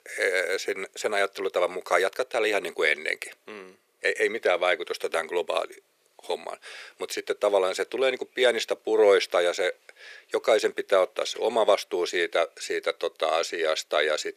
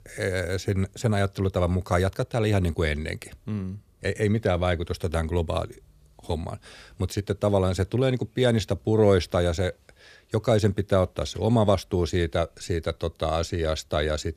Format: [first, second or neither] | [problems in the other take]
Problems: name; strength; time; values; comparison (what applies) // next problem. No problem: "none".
second | thin; very; fading below 400 Hz